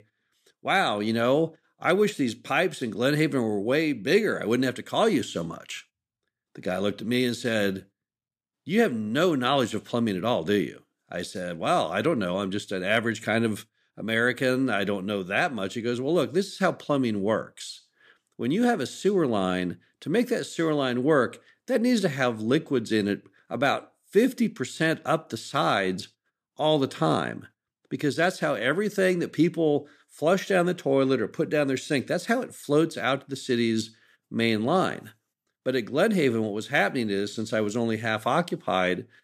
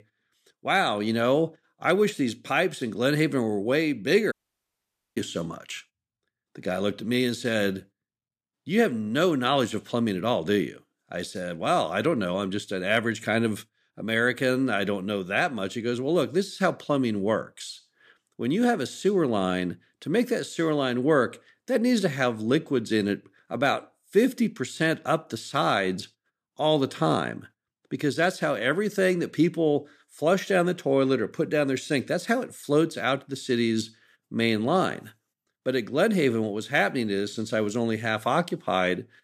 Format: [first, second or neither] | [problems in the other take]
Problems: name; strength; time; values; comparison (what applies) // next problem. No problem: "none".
first | audio cutting out; at 4.5 s for 1 s